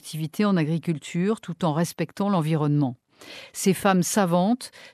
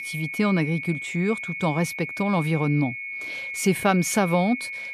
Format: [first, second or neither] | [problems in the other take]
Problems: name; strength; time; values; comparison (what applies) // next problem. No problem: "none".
first | high-pitched whine; loud; throughout; 2 kHz, 7 dB below the speech